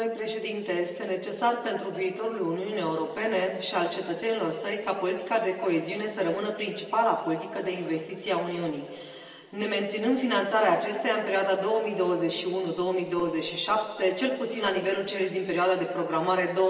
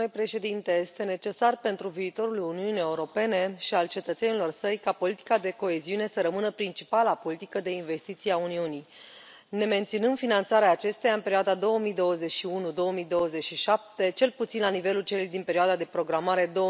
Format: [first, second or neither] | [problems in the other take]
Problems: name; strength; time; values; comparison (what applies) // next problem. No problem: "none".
second | room echo; dies away in 2.3 s